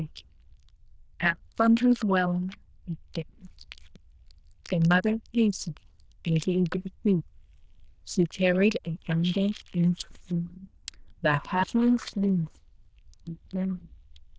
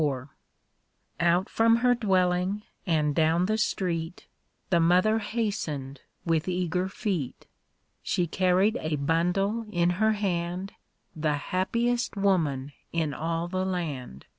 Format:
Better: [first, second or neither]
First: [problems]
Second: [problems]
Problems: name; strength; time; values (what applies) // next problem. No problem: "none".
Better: second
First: noise reduction (neural diffusion model UNIVERSE++)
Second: none